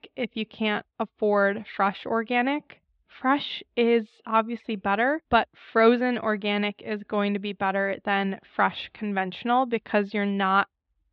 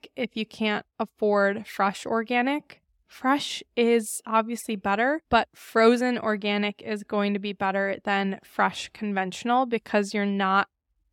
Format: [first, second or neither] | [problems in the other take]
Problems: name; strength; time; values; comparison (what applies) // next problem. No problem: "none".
second | muffled; slightly; fading above 3.5 kHz